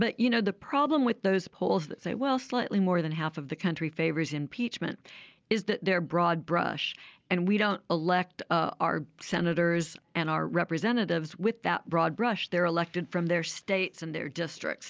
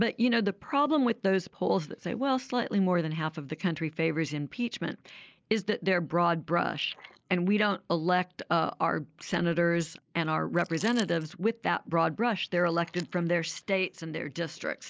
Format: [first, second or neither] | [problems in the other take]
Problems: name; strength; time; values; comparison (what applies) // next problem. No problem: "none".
first | noise reduction (neural mask model Resemble Enhance denoiser)